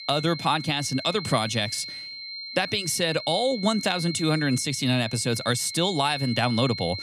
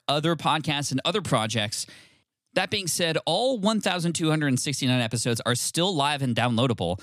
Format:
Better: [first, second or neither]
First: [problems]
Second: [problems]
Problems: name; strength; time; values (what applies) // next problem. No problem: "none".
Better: second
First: high-pitched whine; loud; throughout; 4 kHz, 9 dB below the speech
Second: none